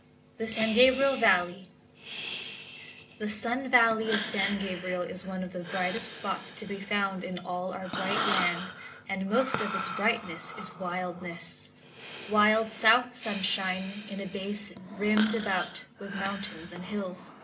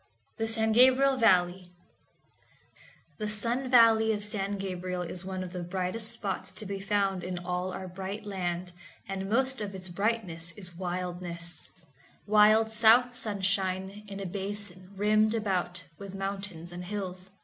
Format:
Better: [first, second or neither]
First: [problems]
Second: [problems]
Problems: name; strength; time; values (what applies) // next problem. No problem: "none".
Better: second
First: background sound (Breathing); 9 dB below the speech // room echo; dies away in 0.2 s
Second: none